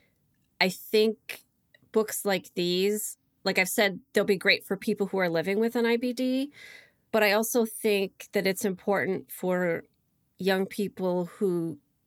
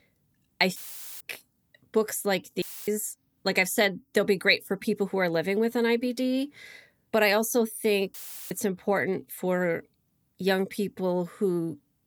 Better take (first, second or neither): first